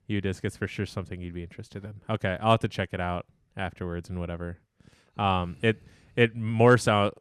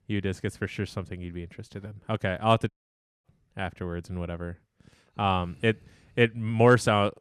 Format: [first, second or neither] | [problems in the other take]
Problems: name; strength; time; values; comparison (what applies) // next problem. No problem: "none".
first | audio cutting out; at 2.5 s for 0.5 s